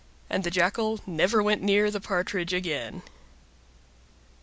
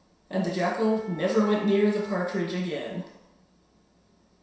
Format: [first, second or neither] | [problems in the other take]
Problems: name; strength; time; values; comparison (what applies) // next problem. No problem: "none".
first | background sound (Wind instrument, woodwind instrument); 19 dB below the speech // room echo; dies away in 0.7 s